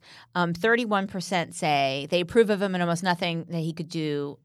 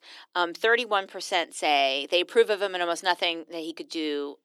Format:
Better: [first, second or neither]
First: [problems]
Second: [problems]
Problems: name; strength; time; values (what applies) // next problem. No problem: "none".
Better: first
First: none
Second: thin; somewhat; fading below 300 Hz